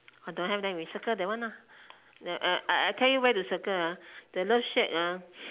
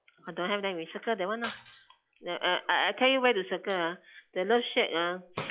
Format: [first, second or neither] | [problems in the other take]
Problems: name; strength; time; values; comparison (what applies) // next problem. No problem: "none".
first | noise reduction (classical method log-MMSE)